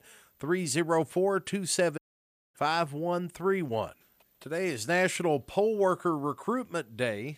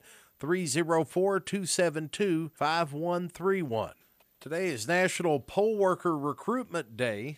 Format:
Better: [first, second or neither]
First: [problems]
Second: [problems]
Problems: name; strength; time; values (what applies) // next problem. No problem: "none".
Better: second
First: audio cutting out; at 2 s for 0.5 s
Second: none